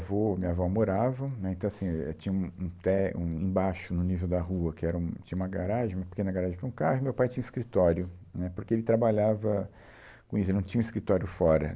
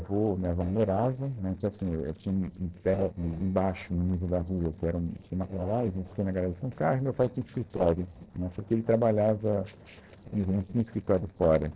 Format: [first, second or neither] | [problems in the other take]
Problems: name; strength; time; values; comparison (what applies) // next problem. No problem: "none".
first | noise reduction (neural separator model SepFormer DNS4)